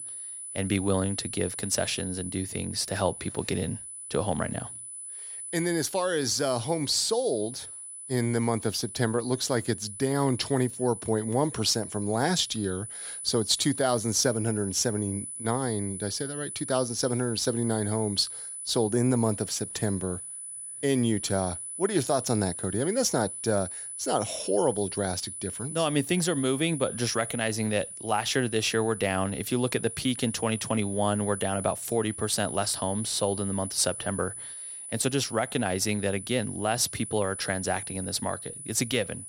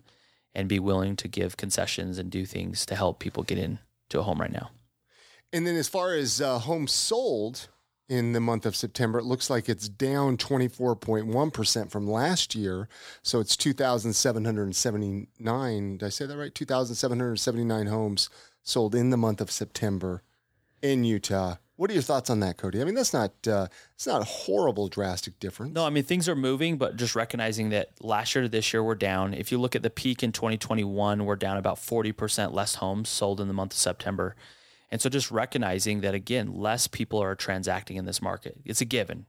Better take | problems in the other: second | high-pitched whine; loud; throughout; 10 kHz, 8 dB below the speech

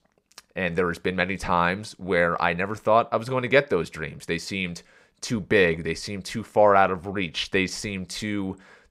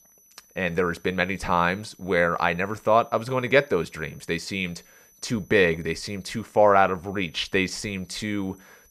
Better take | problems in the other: first | high-pitched whine; faint; throughout; 6 kHz, 30 dB below the speech

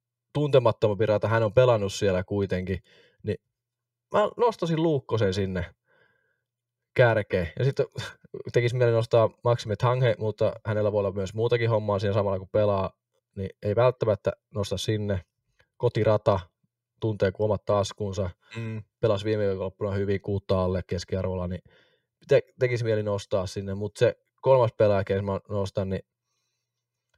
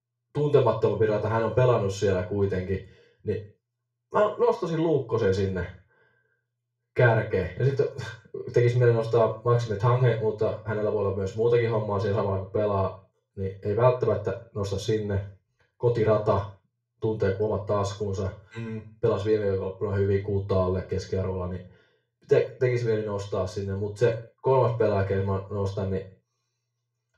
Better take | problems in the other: first | room echo; slight; dies away in 0.3 s // off-mic speech; far

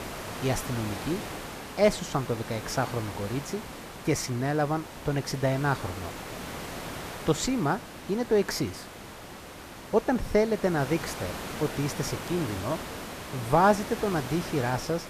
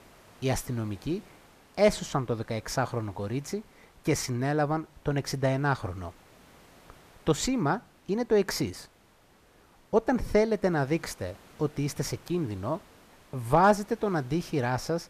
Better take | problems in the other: second | hiss; loud; throughout; 10 dB below the speech; faint in the second

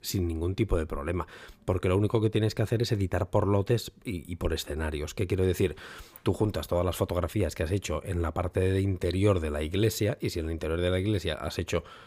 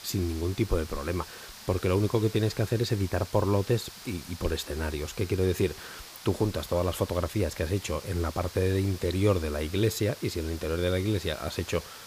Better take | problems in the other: first | hiss; noticeable; throughout; 15 dB below the speech

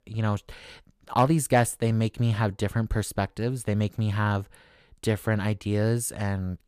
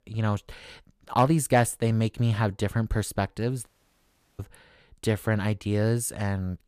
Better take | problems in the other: first | audio cutting out; at 3.5 s for 0.5 s

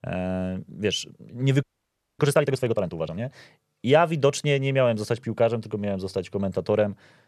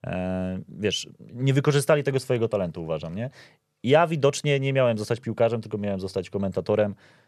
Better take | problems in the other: second | audio freezing; at 1.5 s for 0.5 s

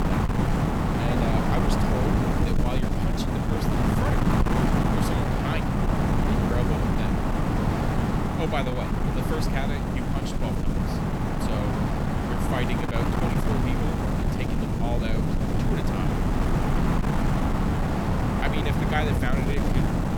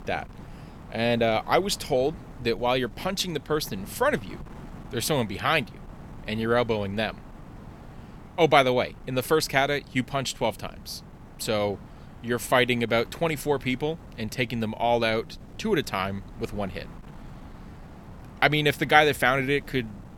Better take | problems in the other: second | wind noise on the microphone; heavy; 5 dB above the speech; occasional gusts in the second

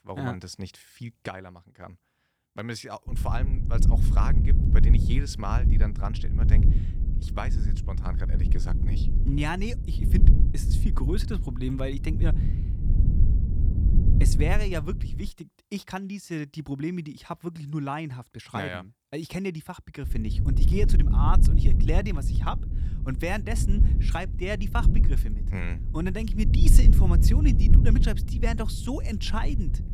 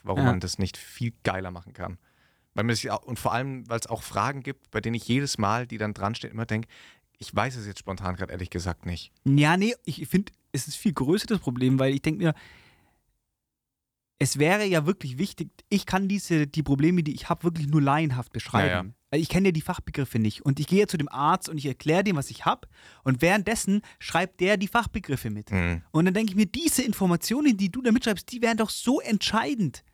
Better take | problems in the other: second | low rumble; loud; from 3 to 15 s and from 20 s on; 6 dB below the speech

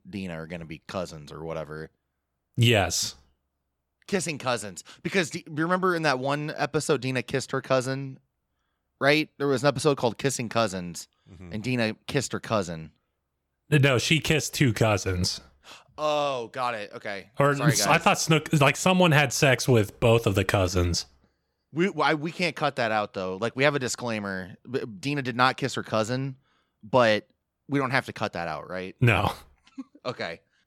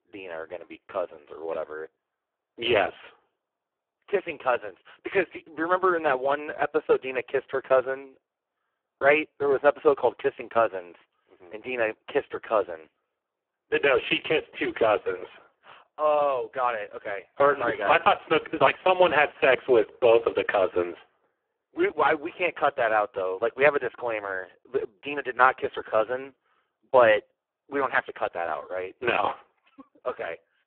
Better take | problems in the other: first | phone-call audio; poor line

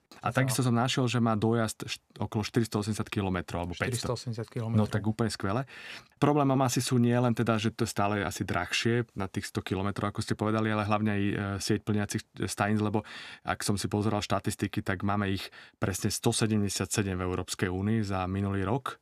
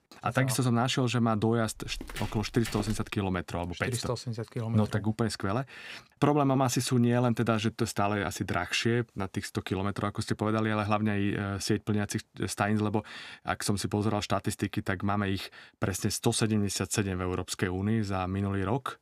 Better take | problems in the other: first | footsteps; noticeable; from 2 to 3 s; peak 10 dB below the speech

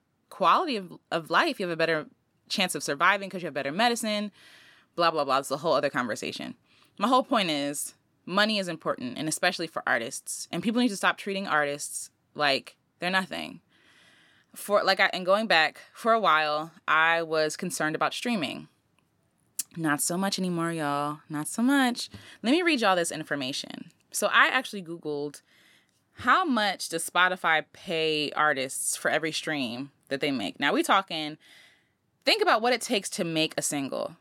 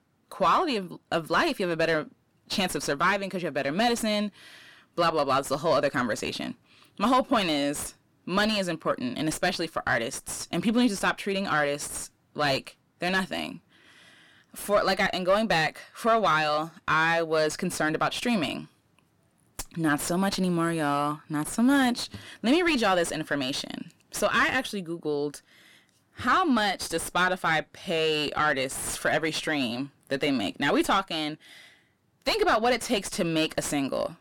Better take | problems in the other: first | distortion; heavy; 7 dB below the speech

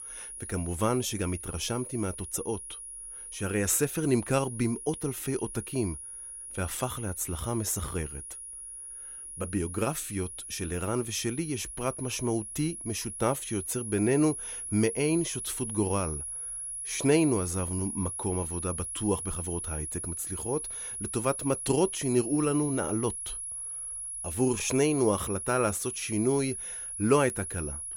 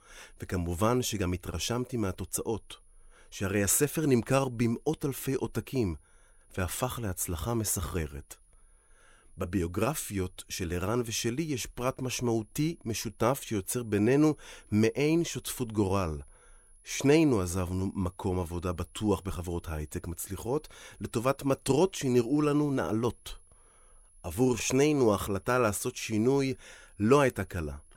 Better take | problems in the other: second | high-pitched whine; loud; throughout; 10.5 kHz, 6 dB below the speech; faint in the second

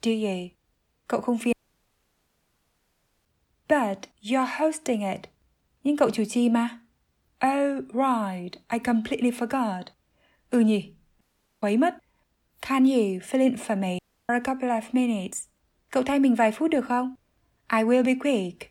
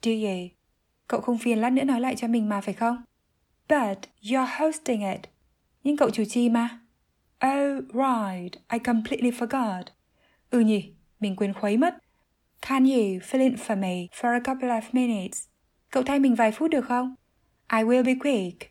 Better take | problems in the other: second | audio cutting out; at 1.5 s for 1.5 s, at 11 s and at 14 s

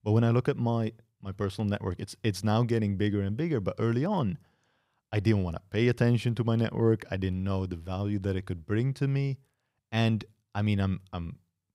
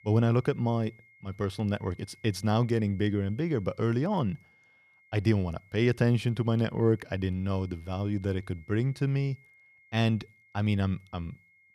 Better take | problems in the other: first | high-pitched whine; faint; throughout; 2 kHz, 30 dB below the speech

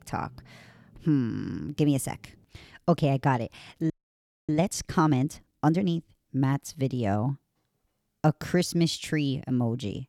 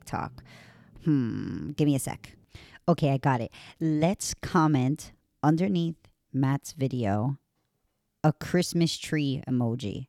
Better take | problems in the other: second | audio freezing; at 4 s for 0.5 s

